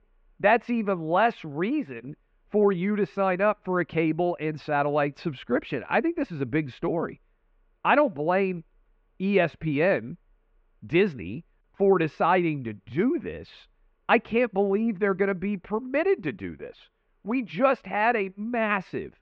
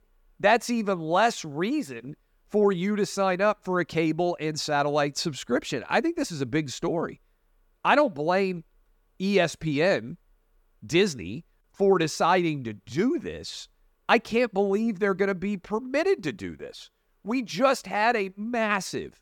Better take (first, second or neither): second